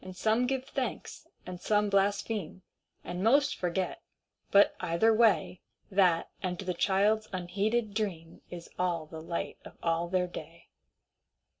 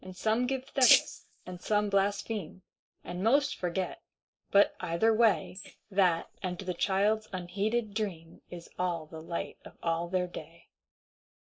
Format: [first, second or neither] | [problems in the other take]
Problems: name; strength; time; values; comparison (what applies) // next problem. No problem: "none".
first | noise reduction (neural mask model Resemble Enhance denoiser)